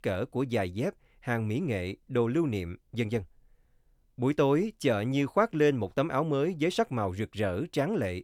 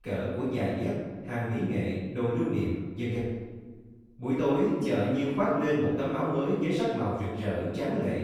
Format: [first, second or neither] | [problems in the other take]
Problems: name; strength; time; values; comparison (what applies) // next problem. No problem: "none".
first | off-mic speech; far // room echo; strong; dies away in 1.3 s